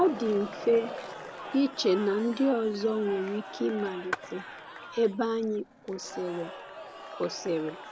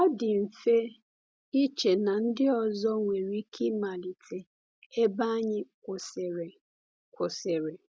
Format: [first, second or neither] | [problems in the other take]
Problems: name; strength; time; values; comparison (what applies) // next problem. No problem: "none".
second | background sound (Skateboard + Crowd / Cheering); 12 dB below the speech